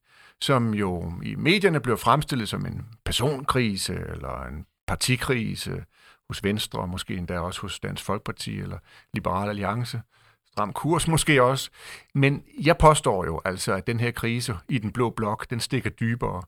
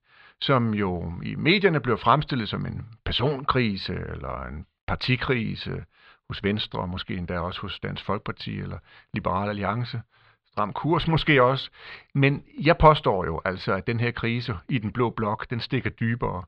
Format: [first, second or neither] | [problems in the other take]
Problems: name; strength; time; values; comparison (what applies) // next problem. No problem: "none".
first | muffled; very slightly; fading above 4 kHz